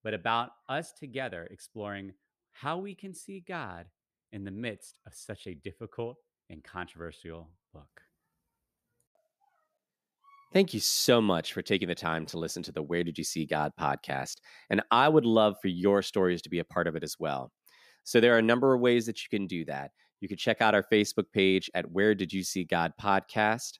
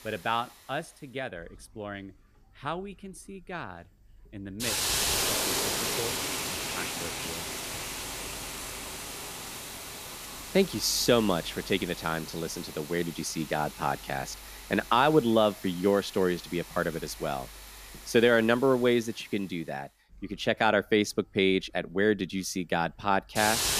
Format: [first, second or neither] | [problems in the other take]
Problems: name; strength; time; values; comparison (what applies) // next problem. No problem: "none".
first | hiss; loud; throughout; 5 dB below the speech